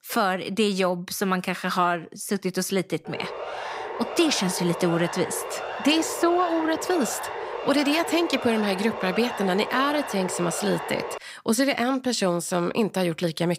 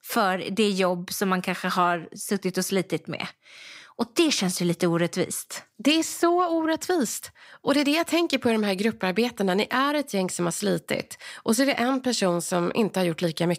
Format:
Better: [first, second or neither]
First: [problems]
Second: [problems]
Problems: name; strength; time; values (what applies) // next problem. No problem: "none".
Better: second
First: siren; noticeable; from 3 to 11 s; peak 7 dB below the speech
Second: none